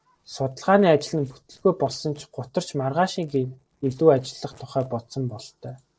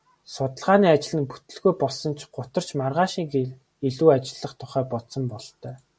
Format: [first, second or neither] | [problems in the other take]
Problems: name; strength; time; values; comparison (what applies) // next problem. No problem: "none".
second | noise reduction (neural separator model SepFormer DNS4)